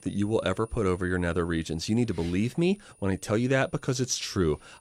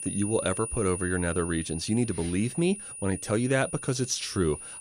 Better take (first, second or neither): first